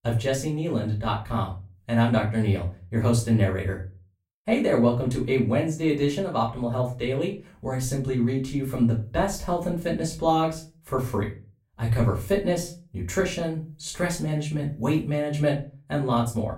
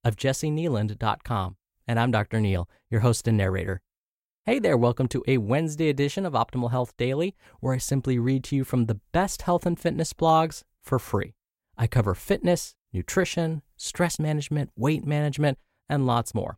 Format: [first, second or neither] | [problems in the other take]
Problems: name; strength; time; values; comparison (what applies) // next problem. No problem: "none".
second | off-mic speech; far // room echo; slight; dies away in 0.3 s